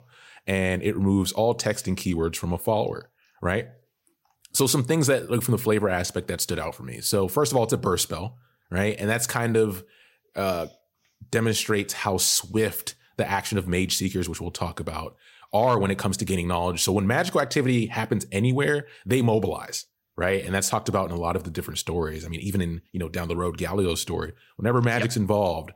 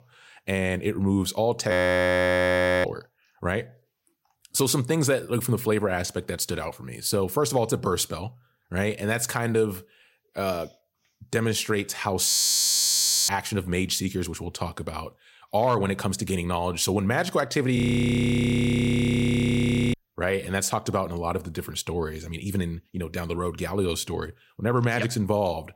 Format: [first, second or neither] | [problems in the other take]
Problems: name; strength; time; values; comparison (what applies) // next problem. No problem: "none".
first | audio freezing; at 1.5 s for 1 s, at 12 s for 1 s and at 18 s for 2 s